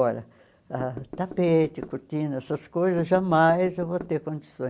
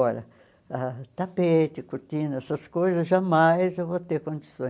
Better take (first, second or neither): second